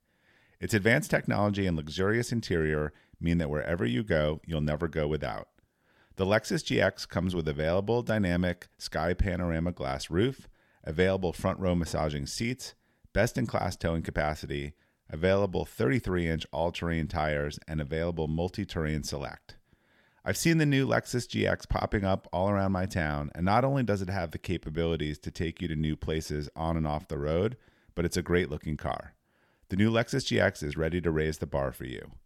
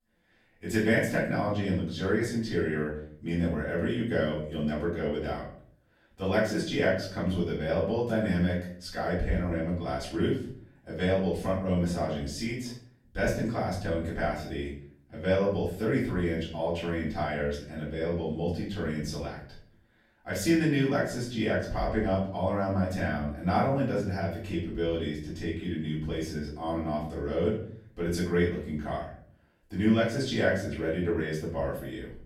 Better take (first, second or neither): first